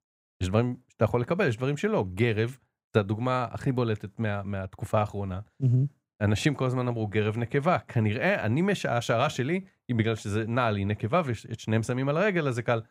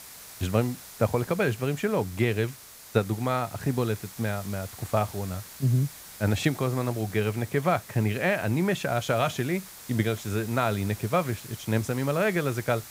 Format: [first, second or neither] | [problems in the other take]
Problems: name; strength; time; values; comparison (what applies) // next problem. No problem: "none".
first | hiss; noticeable; throughout; 15 dB below the speech